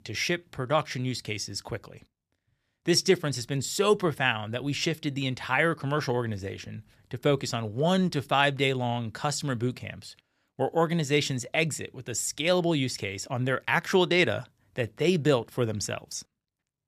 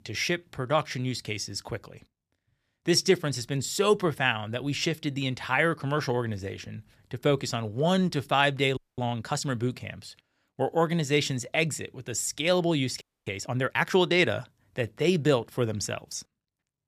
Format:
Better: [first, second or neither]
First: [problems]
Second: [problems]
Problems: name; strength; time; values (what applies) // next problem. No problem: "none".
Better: first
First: none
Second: audio freezing; at 9 s and at 13 s